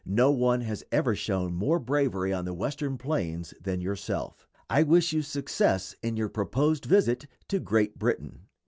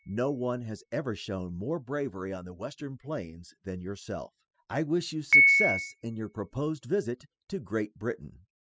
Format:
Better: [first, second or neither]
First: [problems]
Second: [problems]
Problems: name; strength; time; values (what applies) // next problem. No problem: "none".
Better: first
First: none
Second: noise reduction (classical method spectral subtraction)